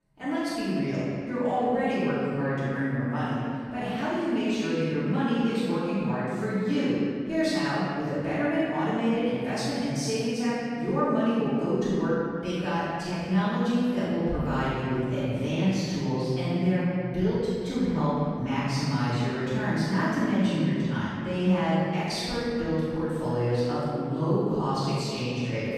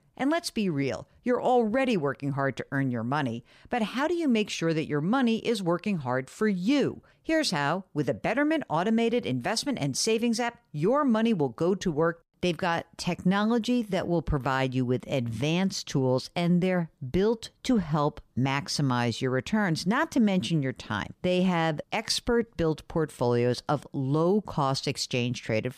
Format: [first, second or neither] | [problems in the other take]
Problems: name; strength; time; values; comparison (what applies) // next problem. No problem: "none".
second | off-mic speech; far // room echo; strong; dies away in 2.5 s